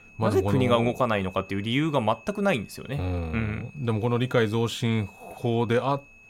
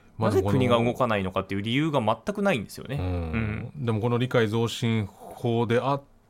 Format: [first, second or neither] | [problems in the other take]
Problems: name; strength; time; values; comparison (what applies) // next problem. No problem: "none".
second | high-pitched whine; faint; throughout; 2.5 kHz, 25 dB below the speech